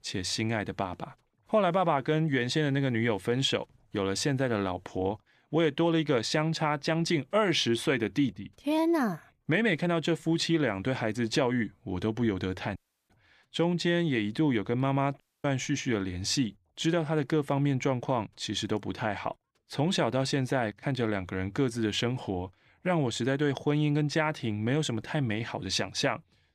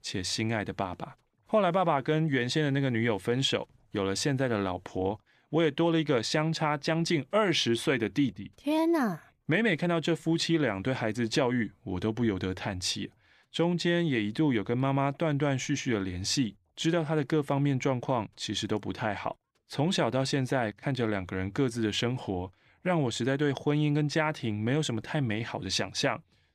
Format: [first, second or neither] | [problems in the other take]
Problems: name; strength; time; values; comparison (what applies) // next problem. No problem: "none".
second | audio cutting out; at 13 s and at 15 s